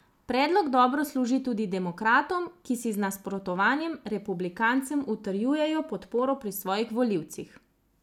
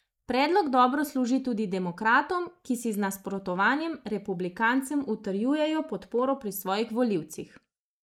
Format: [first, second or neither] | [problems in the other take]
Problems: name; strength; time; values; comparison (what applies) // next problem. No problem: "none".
first | noise reduction (neural mask model Resemble Enhance denoiser)